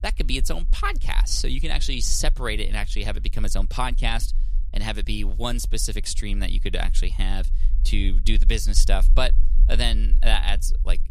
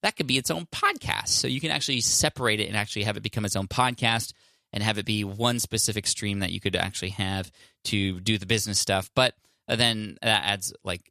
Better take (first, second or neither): second